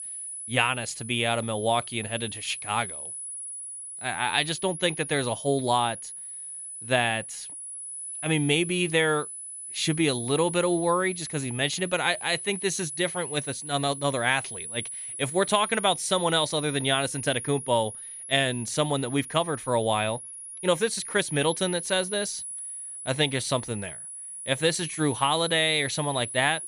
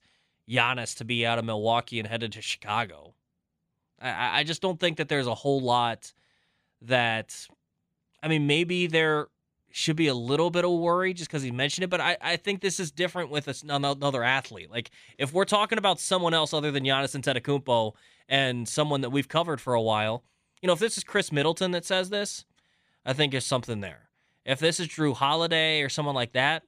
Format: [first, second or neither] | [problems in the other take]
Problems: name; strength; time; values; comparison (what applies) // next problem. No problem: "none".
second | high-pitched whine; loud; throughout; 10 kHz, 9 dB below the speech